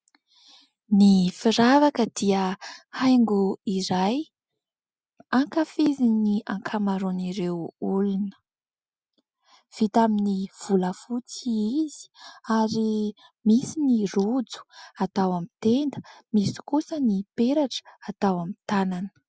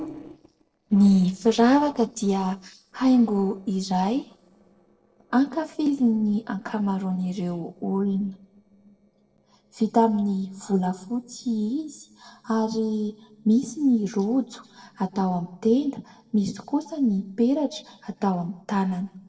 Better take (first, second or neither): first